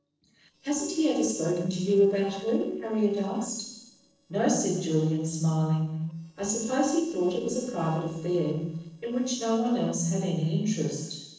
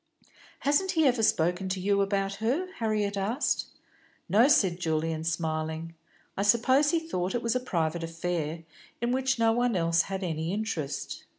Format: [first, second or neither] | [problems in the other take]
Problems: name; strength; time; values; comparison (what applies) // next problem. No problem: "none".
second | noise reduction (neural separator model SepFormer DNS4)